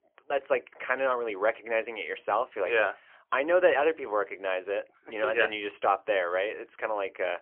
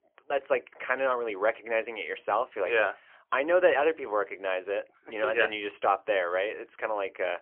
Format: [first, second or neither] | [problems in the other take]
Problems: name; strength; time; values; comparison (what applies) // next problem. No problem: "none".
neither | phone-call audio; poor line; nothing above 3 kHz; the same in both